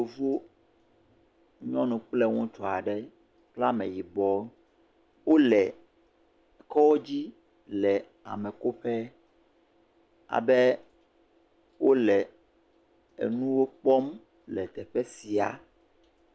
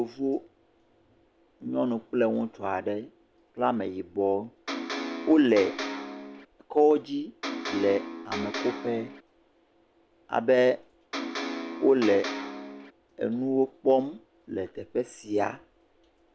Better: first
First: none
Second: background sound (Electric guitar); 6 dB below the speech

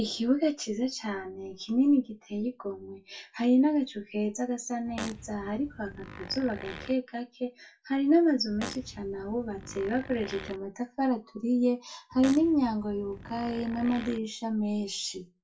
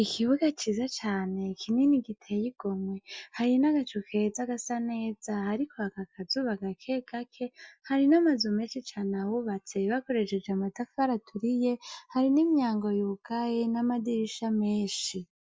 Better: second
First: background sound (Fart); 14 dB below the speech // room echo; dies away in 0.2 s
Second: none

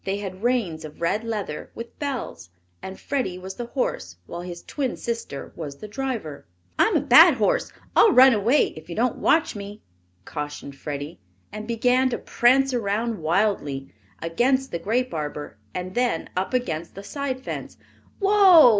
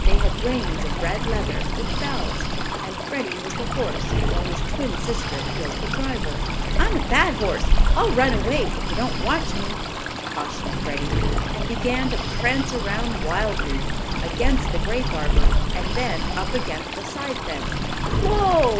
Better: first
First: none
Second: background sound (Breathing + Stream); 5 dB above the speech

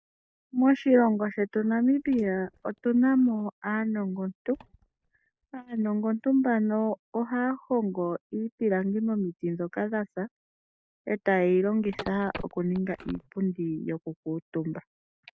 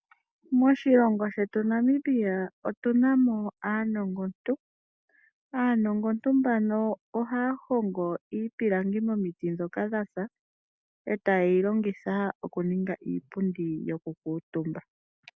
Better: second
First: noise reduction (neural mask model DeepFilterNet 3)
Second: none

